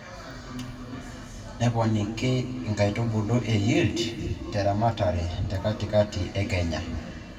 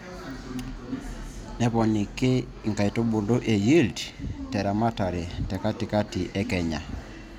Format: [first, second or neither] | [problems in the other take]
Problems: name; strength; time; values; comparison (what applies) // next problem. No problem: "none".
second | room echo; dies away in 2 s